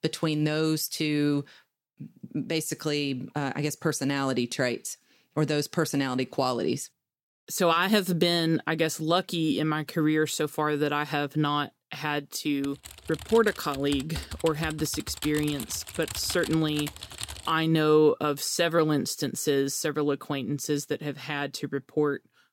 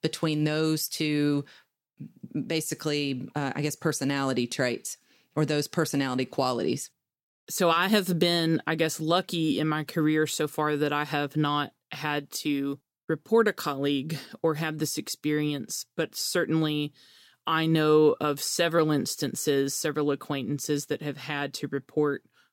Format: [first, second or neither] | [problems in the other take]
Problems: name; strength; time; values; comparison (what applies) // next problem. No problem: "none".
second | keyboard typing; noticeable; from 13 to 18 s; peak 8 dB below the speech